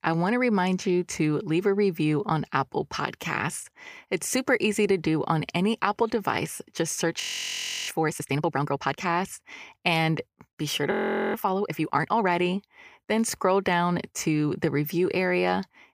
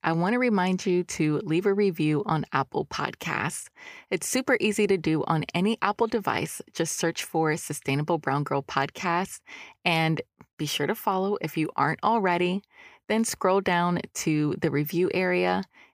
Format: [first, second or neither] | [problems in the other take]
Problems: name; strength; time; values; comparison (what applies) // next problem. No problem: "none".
second | audio freezing; at 7 s for 0.5 s and at 11 s